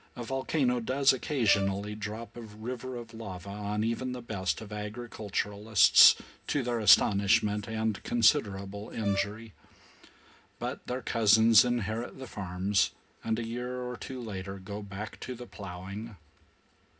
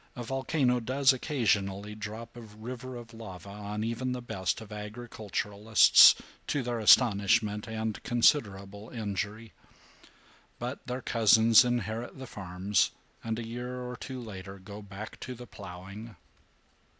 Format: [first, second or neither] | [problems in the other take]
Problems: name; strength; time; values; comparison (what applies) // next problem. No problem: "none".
second | background sound (Brass instrument); 14 dB below the speech // room echo; dies away in 0.3 s